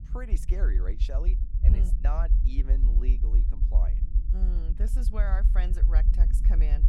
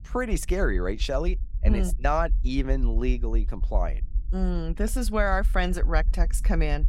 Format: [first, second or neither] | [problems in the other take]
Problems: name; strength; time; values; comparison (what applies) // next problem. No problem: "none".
second | low rumble; loud; throughout; 5 dB below the speech; faint in the second